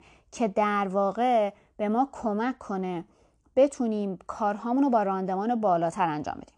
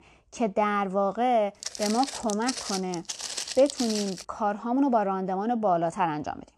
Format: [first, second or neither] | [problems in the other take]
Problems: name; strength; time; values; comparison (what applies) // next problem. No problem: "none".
first | footsteps; noticeable; from 1.5 to 4 s; peak 4 dB below the speech